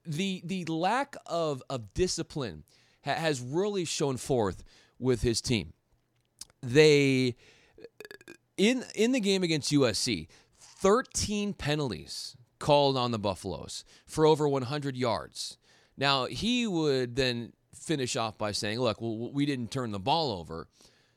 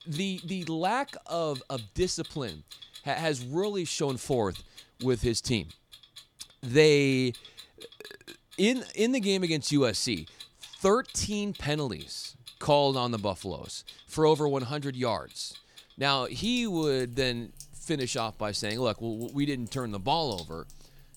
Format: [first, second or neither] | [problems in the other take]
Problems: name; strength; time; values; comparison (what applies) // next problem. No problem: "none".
first | household noises; noticeable; throughout; 20 dB below the speech